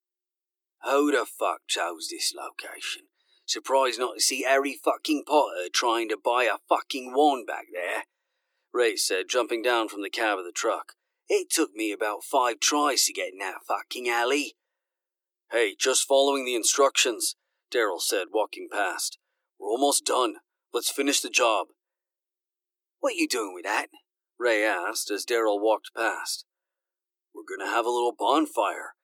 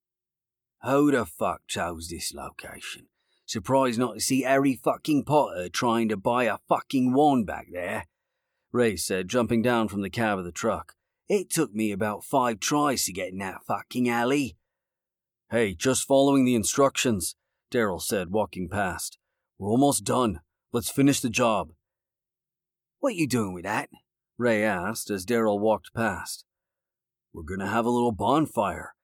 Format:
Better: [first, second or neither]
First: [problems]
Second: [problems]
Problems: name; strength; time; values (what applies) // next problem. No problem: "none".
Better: second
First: thin; somewhat; fading below 300 Hz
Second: none